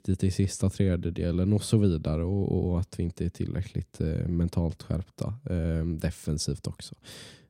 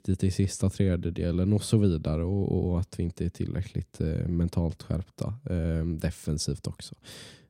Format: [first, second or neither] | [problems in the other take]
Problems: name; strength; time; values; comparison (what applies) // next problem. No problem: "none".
neither | none